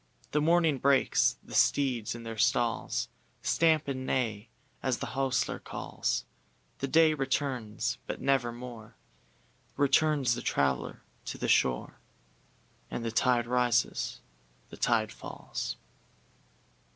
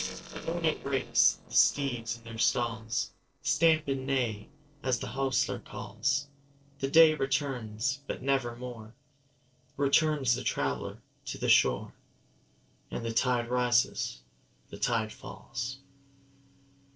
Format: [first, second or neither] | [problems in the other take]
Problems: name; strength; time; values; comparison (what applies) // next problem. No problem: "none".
first | noise reduction (neural separator model SepFormer DNS4)